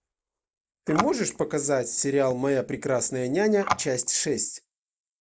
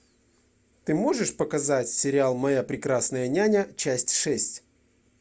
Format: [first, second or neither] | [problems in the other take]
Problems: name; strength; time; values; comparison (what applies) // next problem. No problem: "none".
second | noise reduction (neural mask model Resemble Enhance denoiser)